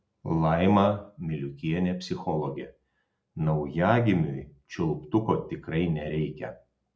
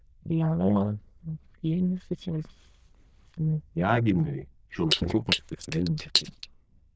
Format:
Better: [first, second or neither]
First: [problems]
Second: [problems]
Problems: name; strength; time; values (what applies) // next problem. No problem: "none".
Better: first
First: none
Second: noise reduction (neural diffusion model UNIVERSE++)